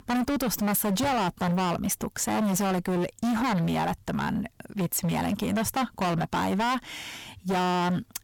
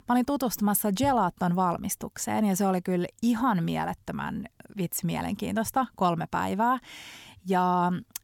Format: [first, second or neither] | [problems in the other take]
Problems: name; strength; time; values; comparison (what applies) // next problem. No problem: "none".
second | distortion; heavy; 30% of the sound clipped